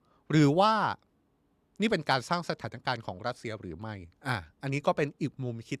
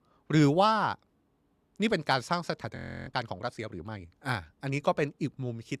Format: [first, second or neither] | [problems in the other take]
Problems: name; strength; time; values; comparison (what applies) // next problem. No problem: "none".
first | audio freezing; at 3 s